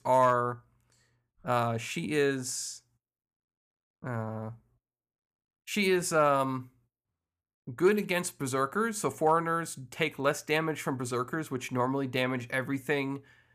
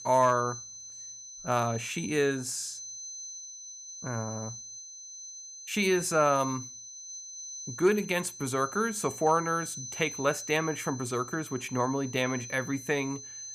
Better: first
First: none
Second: high-pitched whine; noticeable; throughout; 6 kHz, 10 dB below the speech

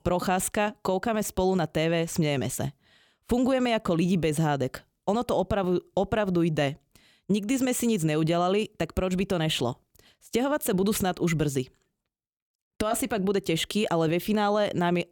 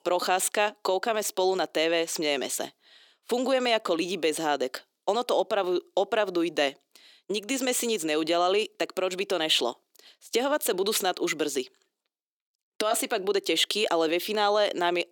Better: first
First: none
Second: thin; somewhat; fading below 300 Hz

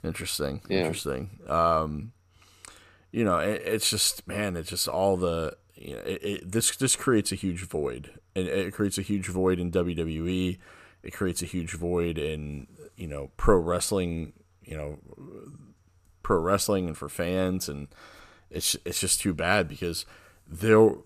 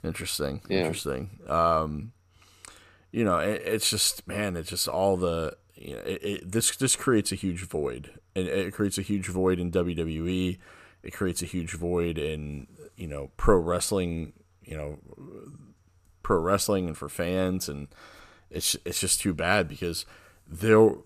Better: neither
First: none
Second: none

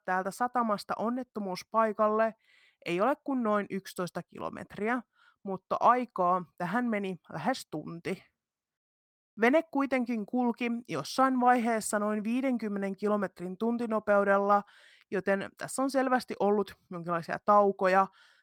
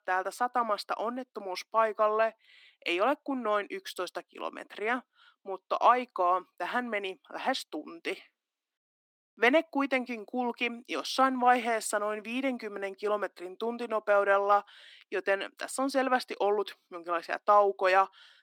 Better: first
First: none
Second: thin; very slightly; fading below 250 Hz

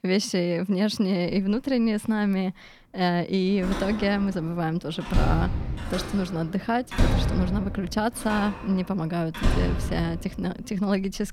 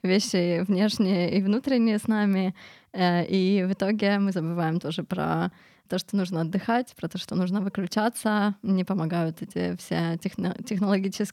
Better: second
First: door banging; loud; from 3.5 to 10 s; peak 2 dB above the speech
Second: none

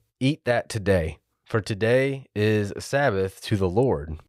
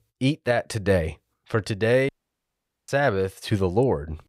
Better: first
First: none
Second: audio cutting out; at 2 s for 1 s

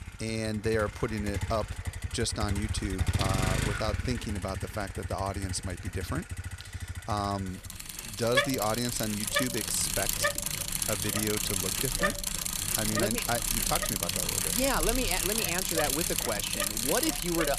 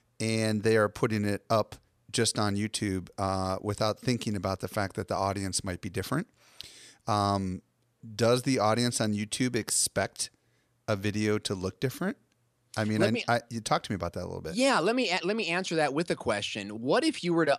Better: second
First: traffic noise; very loud; throughout; 2 dB above the speech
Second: none

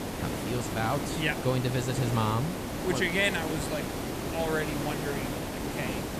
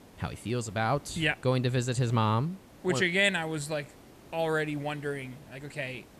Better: second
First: hiss; loud; throughout; 2 dB below the speech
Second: hiss; faint; throughout; 25 dB below the speech

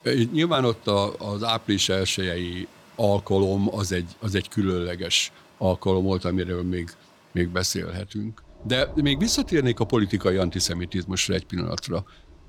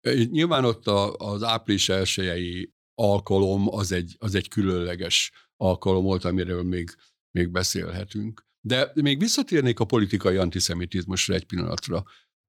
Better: second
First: rain or running water; faint; throughout; 25 dB below the speech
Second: none

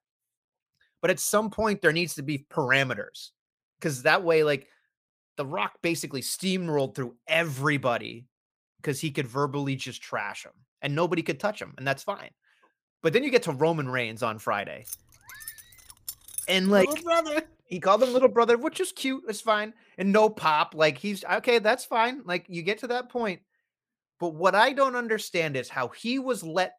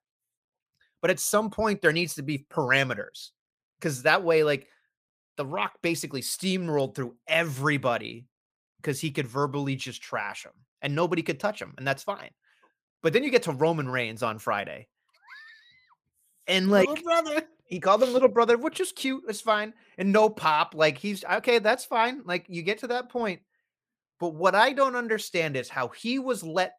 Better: second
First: jangling keys; noticeable; from 15 to 17 s; peak 8 dB below the speech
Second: none

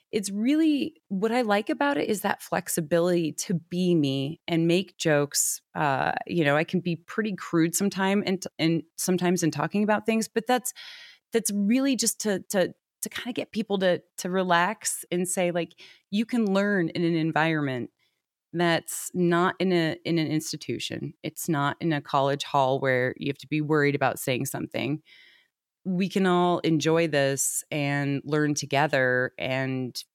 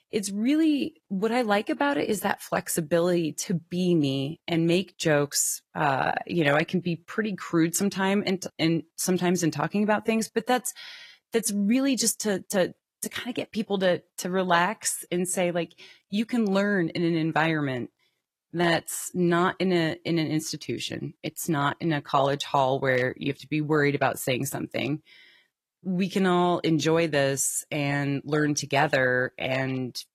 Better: first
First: none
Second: garbled, watery; slightly; nothing above 13 kHz

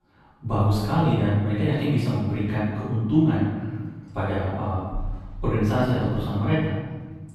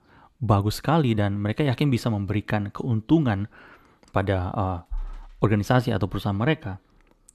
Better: second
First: off-mic speech; far // room echo; strong; dies away in 1.3 s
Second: none

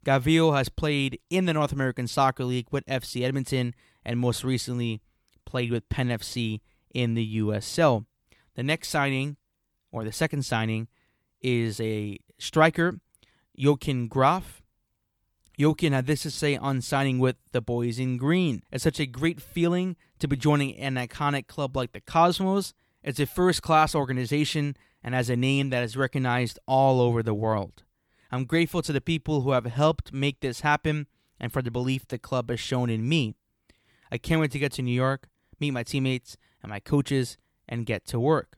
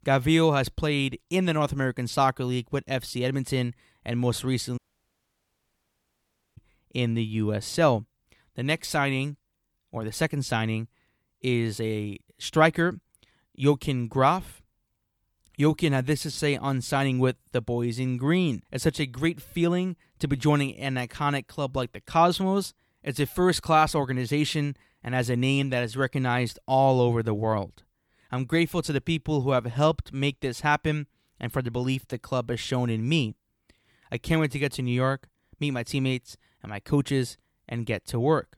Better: first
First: none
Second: audio cutting out; at 5 s for 2 s

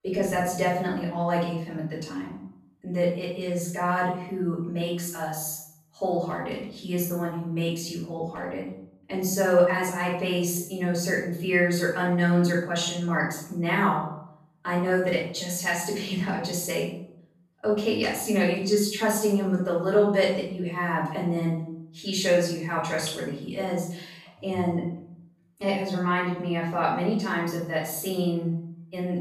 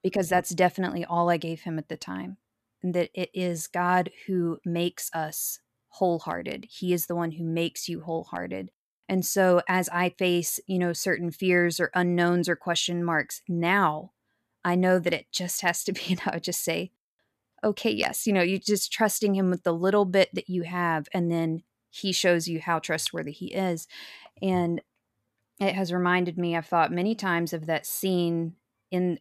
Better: second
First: room echo; noticeable; dies away in 0.6 s // off-mic speech; far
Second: none

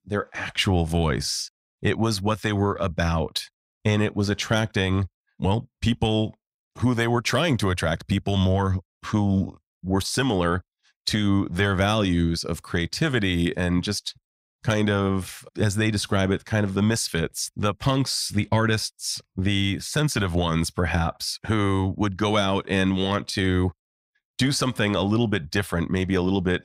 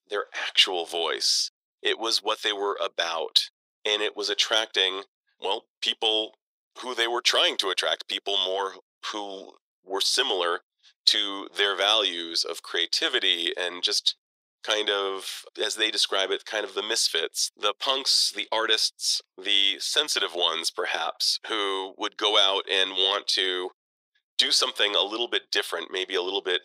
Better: first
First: none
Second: thin; very; fading below 400 Hz

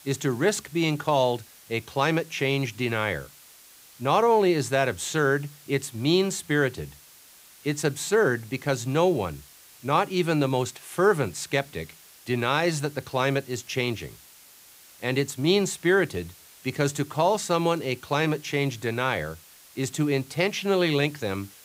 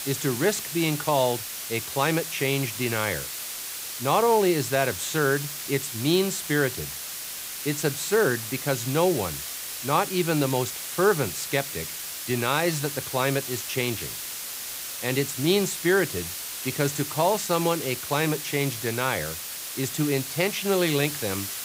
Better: first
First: hiss; faint; throughout; 25 dB below the speech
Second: hiss; loud; throughout; 6 dB below the speech

